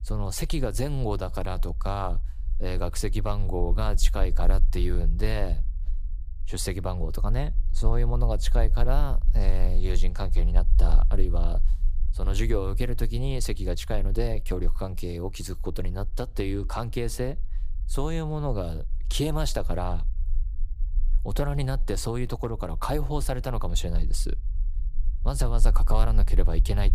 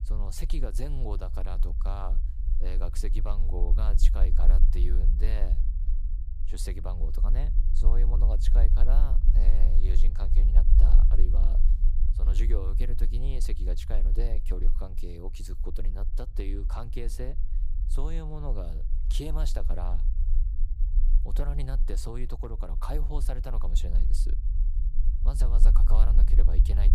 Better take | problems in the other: first | low rumble; loud; throughout; 8 dB below the speech; faint in the first

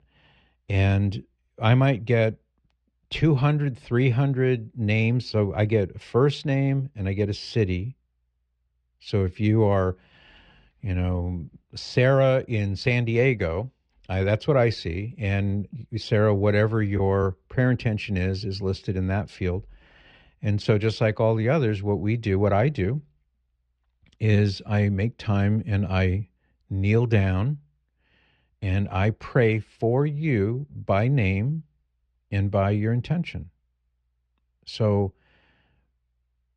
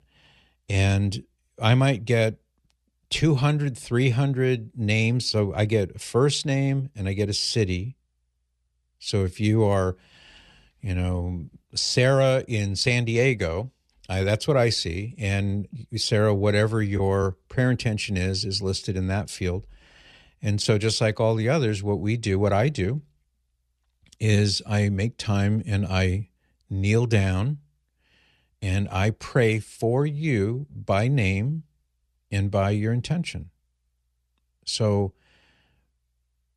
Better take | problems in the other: second | muffled; slightly; fading above 2.5 kHz

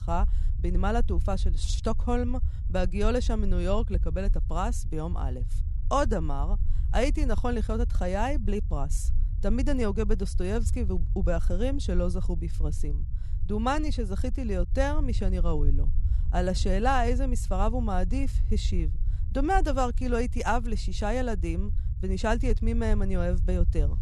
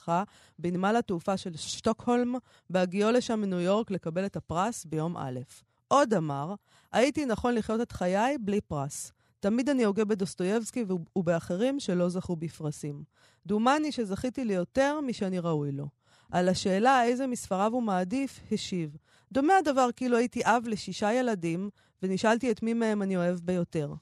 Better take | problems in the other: second | low rumble; noticeable; throughout; 20 dB below the speech

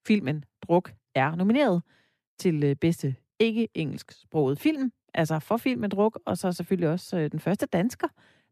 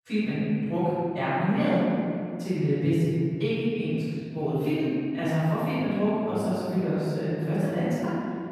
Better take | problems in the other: first | room echo; strong; dies away in 2.2 s // off-mic speech; far

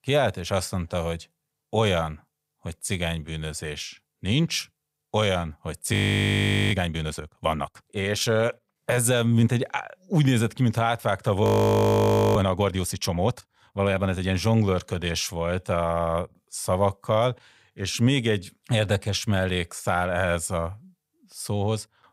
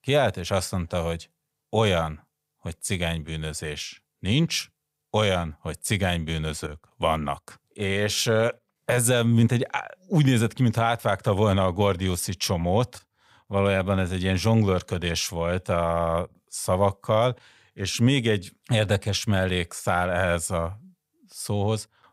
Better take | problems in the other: second | audio freezing; at 6 s for 1 s and at 11 s for 1 s

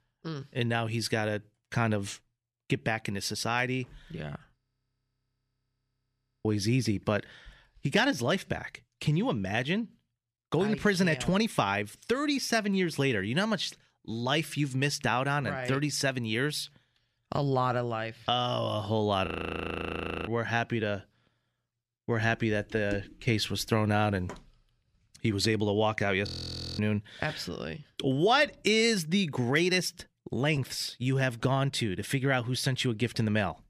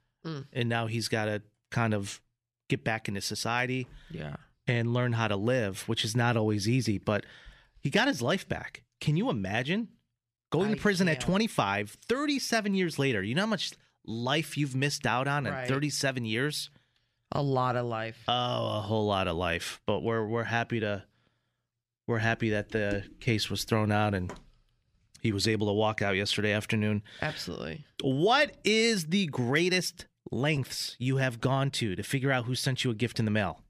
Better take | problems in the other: second | audio freezing; at 4.5 s for 2 s, at 19 s for 1 s and at 26 s for 0.5 s

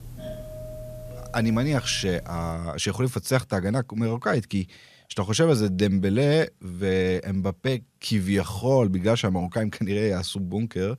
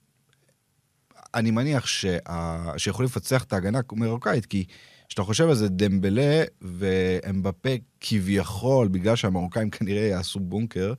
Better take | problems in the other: second | doorbell; faint; until 2.5 s; peak 10 dB below the speech

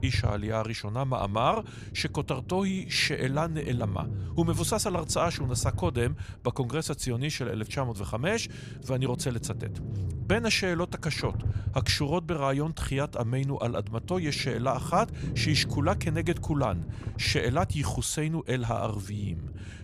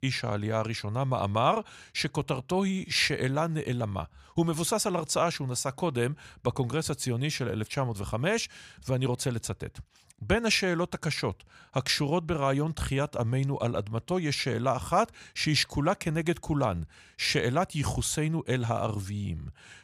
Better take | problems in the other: second | low rumble; noticeable; throughout; 20 dB below the speech

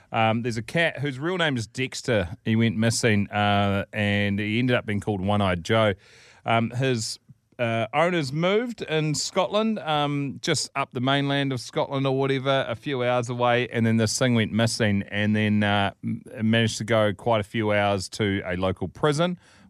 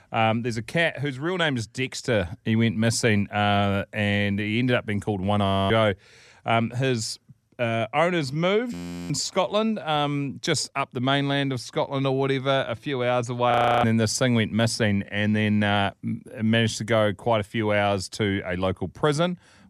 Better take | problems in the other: first | audio freezing; at 5.5 s, at 8.5 s and at 14 s

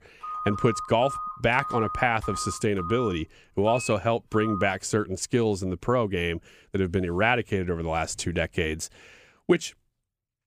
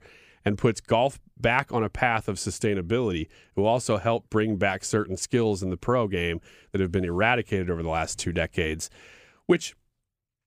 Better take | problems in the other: second | phone ringing; noticeable; until 4.5 s; peak 6 dB below the speech

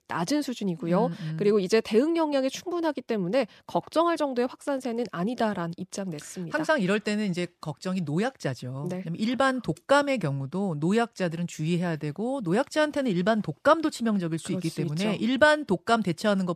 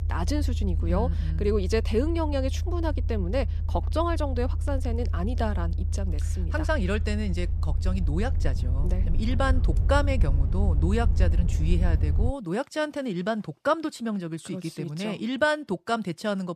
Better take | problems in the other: first | low rumble; noticeable; until 12 s; 15 dB below the speech

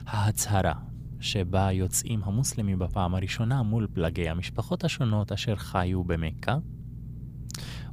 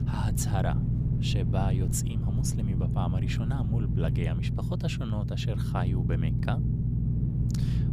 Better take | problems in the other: first | low rumble; loud; throughout; 2 dB below the speech; faint in the first

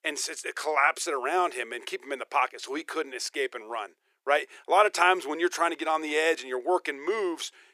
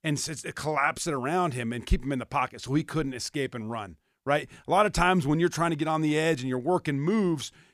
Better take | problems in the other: second | thin; very; fading below 350 Hz

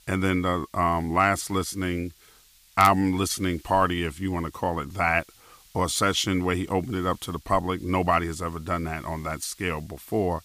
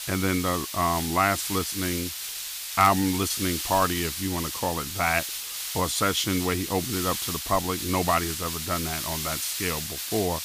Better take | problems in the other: first | hiss; loud; throughout; 4 dB below the speech; faint in the first

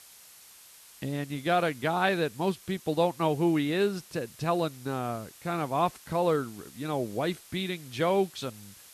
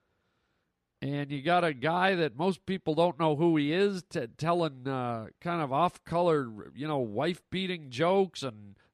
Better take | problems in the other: second | hiss; faint; throughout; 20 dB below the speech

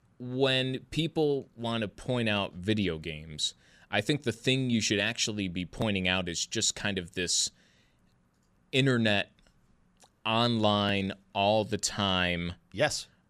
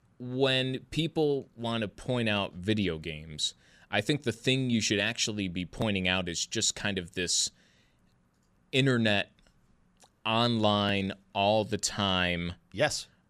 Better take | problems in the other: neither | none

